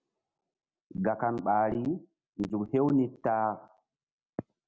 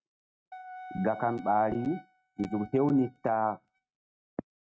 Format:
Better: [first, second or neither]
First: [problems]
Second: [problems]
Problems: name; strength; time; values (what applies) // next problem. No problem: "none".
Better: first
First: none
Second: noise reduction (neural mask model RNNoise)